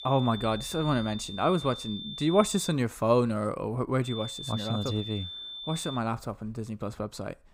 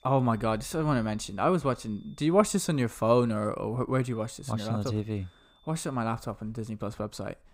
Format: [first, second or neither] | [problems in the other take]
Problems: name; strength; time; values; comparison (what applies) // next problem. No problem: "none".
second | high-pitched whine; loud; until 2.5 s and from 4 to 6 s; 3.5 kHz, 9 dB below the speech; faint in the second